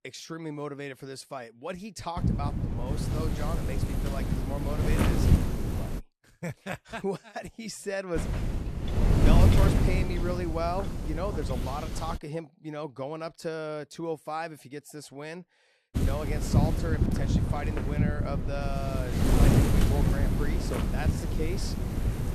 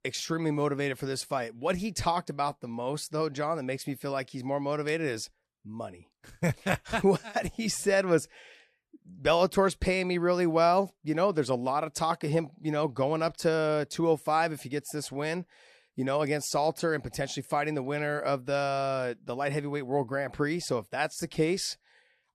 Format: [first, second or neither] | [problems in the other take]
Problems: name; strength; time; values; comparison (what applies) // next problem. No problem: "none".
second | wind noise on the microphone; heavy; from 2 to 6 s, from 8 to 12 s and from 16 s on; as loud as the speech